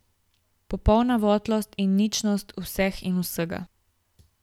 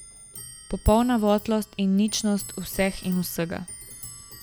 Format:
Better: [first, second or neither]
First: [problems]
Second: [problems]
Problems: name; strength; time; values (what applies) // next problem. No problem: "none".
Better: first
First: none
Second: background sound (Clock); 17 dB below the speech